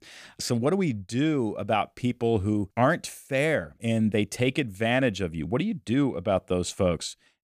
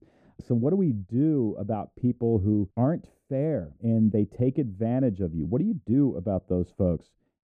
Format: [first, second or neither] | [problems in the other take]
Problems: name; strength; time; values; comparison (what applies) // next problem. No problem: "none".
first | muffled; very; fading above 1 kHz